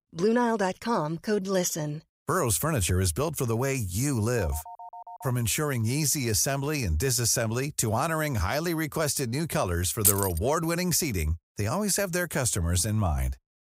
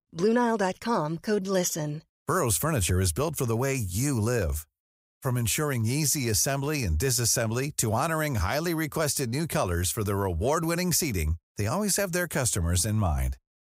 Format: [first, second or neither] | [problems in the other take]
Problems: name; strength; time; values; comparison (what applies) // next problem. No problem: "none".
second | phone ringing; faint; at 4.5 s; peak 15 dB below the speech // jangling keys; loud; at 10 s; peak 4 dB above the speech